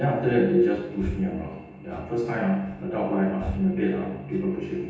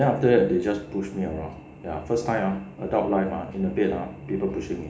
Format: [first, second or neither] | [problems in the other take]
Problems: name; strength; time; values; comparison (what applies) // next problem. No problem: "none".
second | background sound (Breathing); 15 dB below the speech // room echo; dies away in 0.9 s